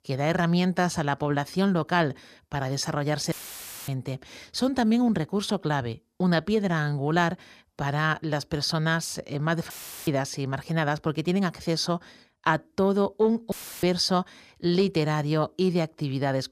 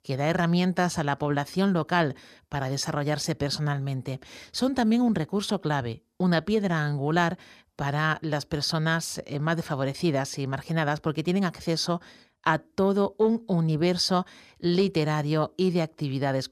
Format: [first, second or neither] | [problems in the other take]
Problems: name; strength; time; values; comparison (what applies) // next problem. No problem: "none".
second | audio cutting out; filled with static; at 3.5 s for 0.5 s, at 9.5 s and at 14 s